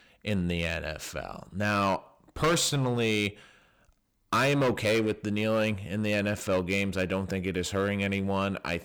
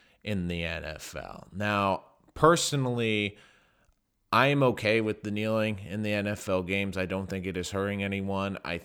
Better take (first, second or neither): second